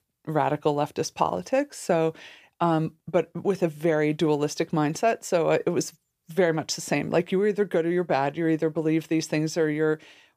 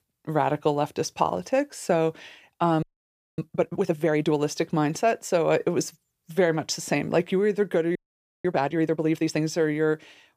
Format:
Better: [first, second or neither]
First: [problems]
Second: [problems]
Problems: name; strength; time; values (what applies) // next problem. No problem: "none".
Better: first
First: none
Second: audio freezing; at 3 s for 0.5 s and at 8 s